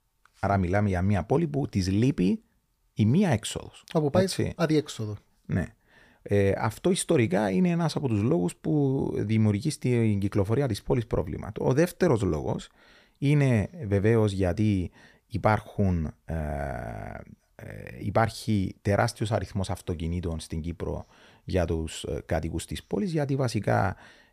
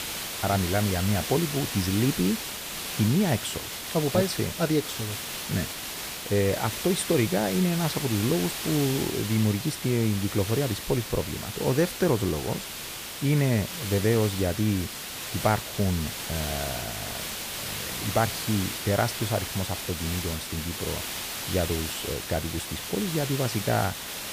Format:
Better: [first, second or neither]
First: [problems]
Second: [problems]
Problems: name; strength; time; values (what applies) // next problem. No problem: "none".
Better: first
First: none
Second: hiss; loud; throughout; 5 dB below the speech